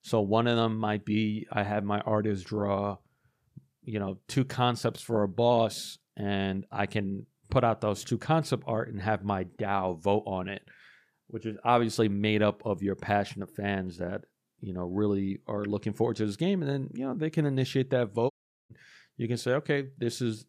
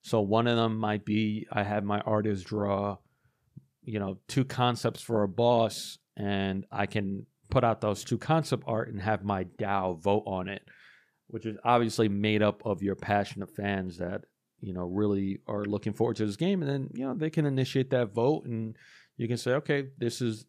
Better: second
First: audio cutting out; at 18 s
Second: none

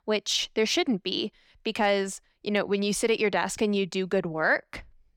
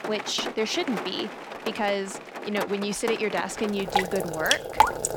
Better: first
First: none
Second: rain or running water; loud; throughout; 2 dB below the speech

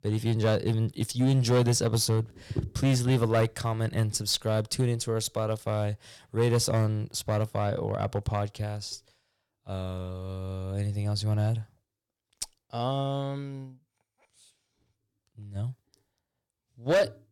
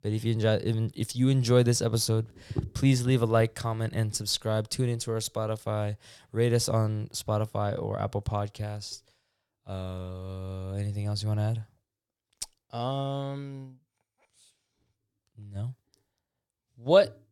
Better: second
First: distortion; slight; 3% of the sound clipped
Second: none

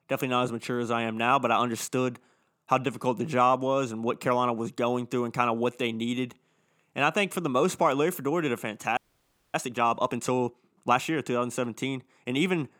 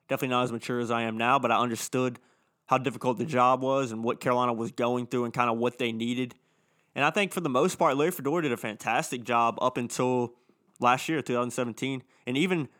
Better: second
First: audio freezing; at 9 s for 0.5 s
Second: none

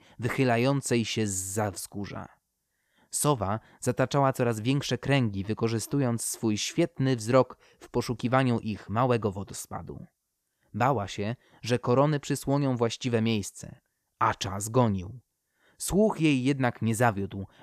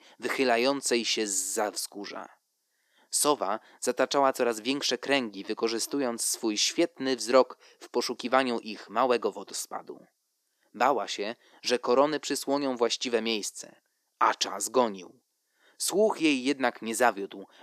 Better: first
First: none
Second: thin; somewhat; fading below 300 Hz

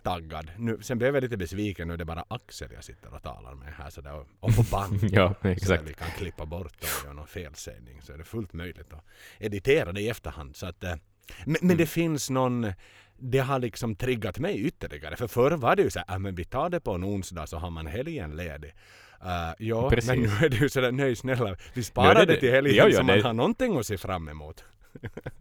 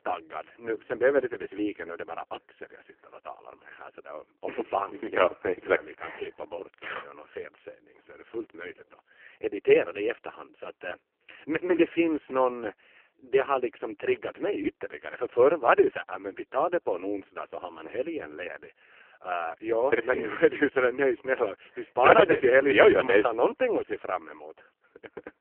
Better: first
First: none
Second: phone-call audio; poor line

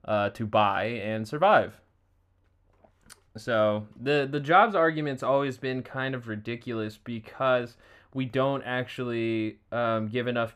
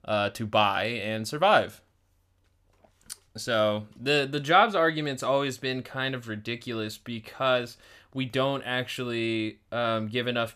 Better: second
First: muffled; slightly; fading above 2.5 kHz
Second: none

